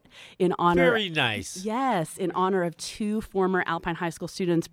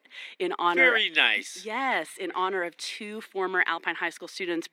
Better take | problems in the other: first | thin; somewhat; fading below 250 Hz

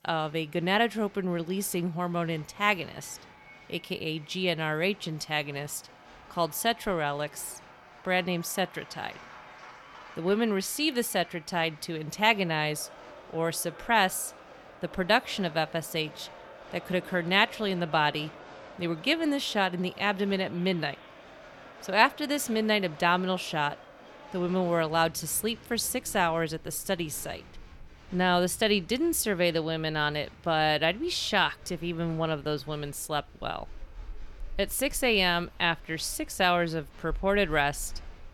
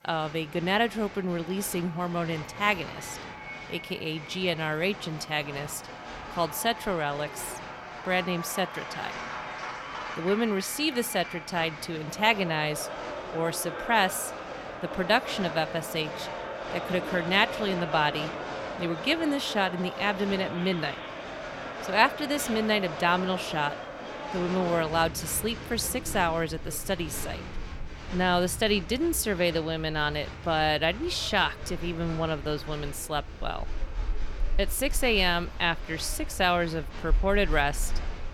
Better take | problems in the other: first | crowd noise; loud; throughout; 9 dB below the speech; faint in the first

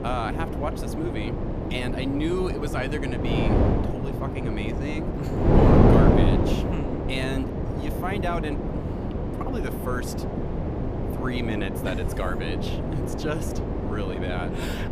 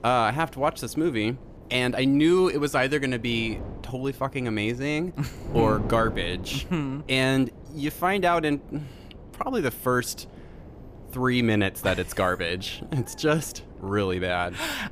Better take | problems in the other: second | wind noise on the microphone; heavy; 2 dB above the speech; occasional gusts in the second

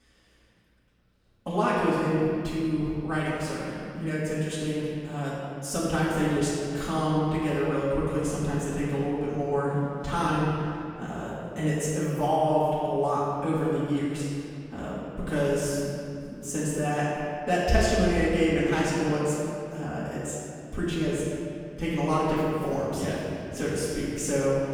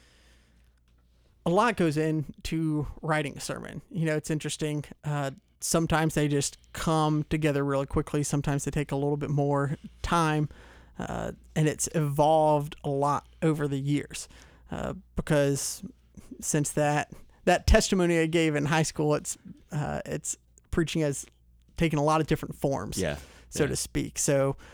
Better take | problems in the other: second | room echo; strong; dies away in 2.3 s // off-mic speech; far

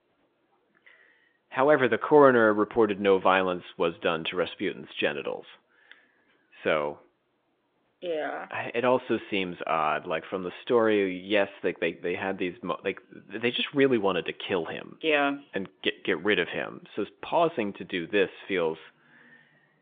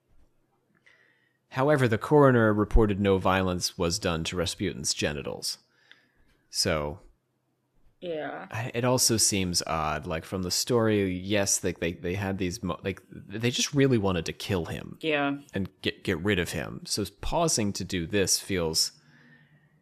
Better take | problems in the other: second | phone-call audio; nothing above 3.5 kHz

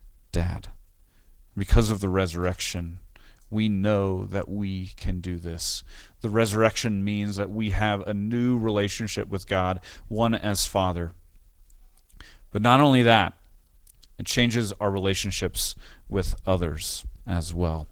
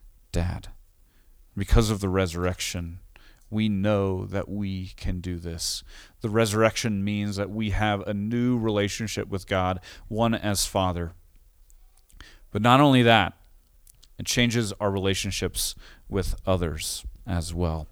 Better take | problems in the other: second | garbled, watery; slightly

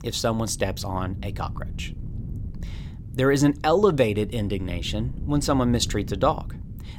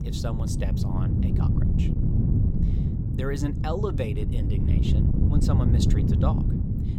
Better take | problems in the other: first | wind noise on the microphone; heavy; as loud as the speech; occasional gusts in the first

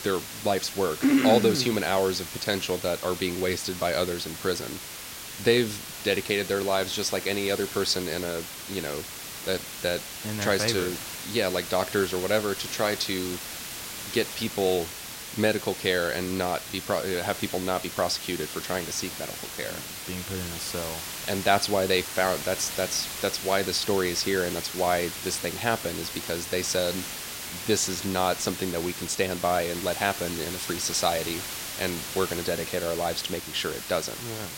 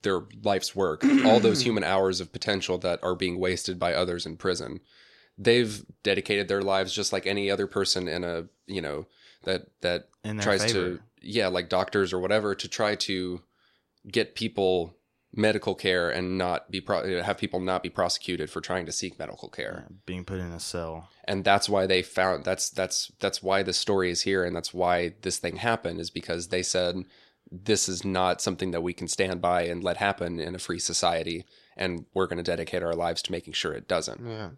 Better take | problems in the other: second | hiss; loud; throughout; 7 dB below the speech

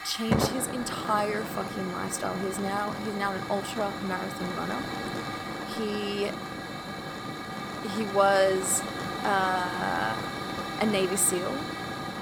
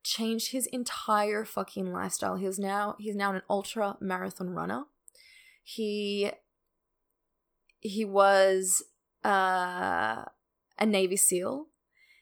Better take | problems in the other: second | hiss; loud; throughout; 5 dB below the speech

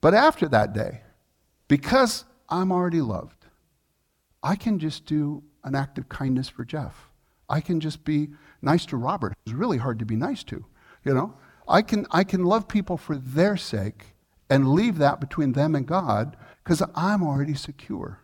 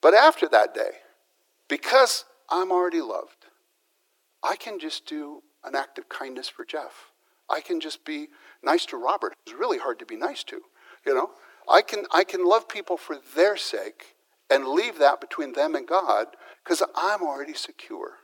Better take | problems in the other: first | thin; very; fading below 350 Hz

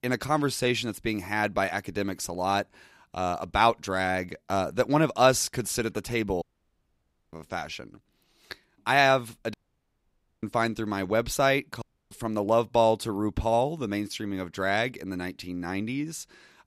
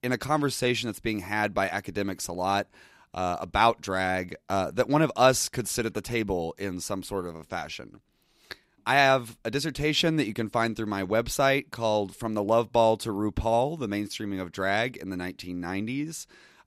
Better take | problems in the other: second | audio cutting out; at 6.5 s for 1 s, at 9.5 s for 1 s and at 12 s

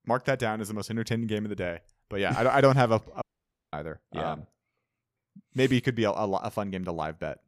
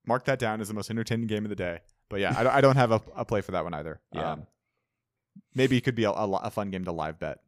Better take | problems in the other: second | audio cutting out; at 3 s for 0.5 s

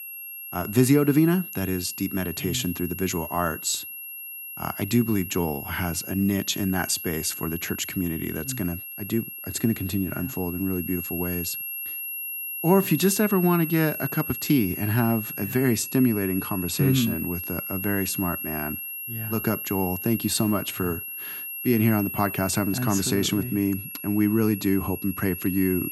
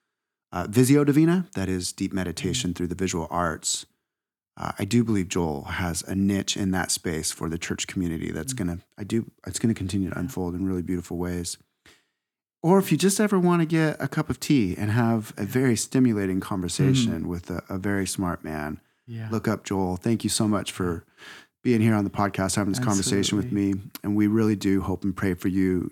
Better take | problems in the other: second | high-pitched whine; loud; throughout; 11.5 kHz, 7 dB below the speech

